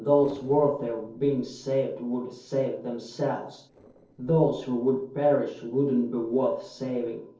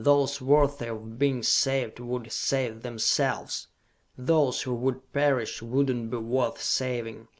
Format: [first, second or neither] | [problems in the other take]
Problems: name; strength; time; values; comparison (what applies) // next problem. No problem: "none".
second | noise reduction (neural separator model SepFormer DNS4)